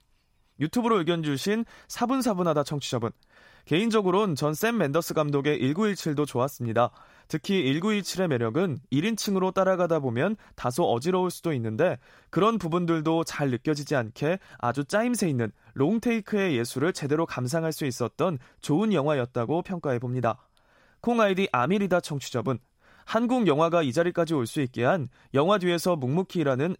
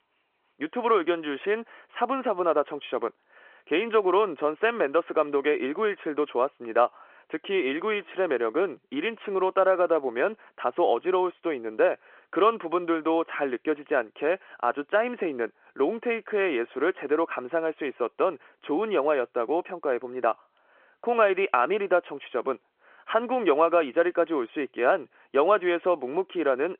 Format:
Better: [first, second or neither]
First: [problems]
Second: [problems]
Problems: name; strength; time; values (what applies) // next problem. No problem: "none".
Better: first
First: none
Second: phone-call audio